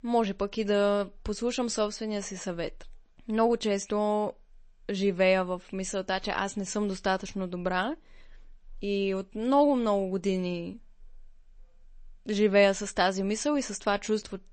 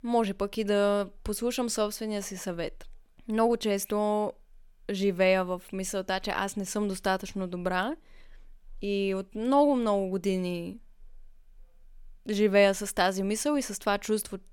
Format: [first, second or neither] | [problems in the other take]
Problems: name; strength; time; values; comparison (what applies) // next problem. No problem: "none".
second | garbled, watery; slightly; nothing above 8 kHz